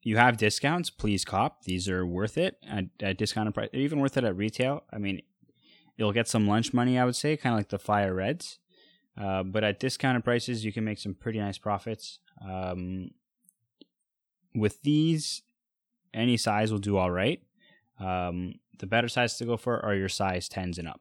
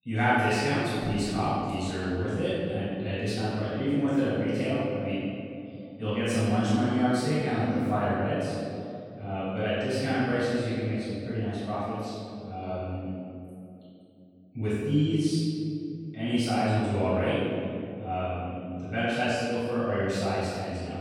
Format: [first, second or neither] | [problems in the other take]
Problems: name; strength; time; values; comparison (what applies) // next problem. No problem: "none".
first | off-mic speech; far // room echo; strong; dies away in 2.7 s